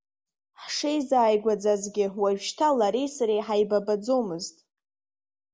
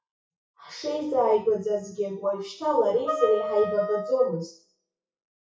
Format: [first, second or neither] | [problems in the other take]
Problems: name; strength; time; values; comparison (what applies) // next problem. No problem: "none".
first | noise reduction (classical method WPE with log-MMSE)